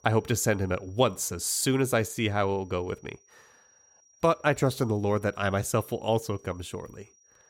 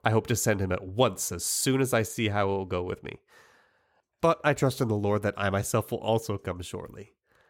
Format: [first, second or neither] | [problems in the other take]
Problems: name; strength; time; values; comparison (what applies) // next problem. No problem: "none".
second | high-pitched whine; faint; throughout; 5.5 kHz, 30 dB below the speech